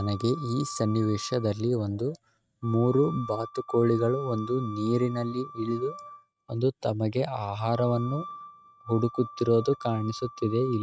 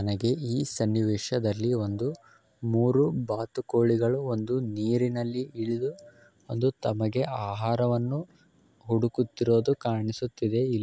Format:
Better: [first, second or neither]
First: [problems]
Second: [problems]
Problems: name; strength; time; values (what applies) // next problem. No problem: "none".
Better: second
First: noise reduction (neural mask model RNNoise)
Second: none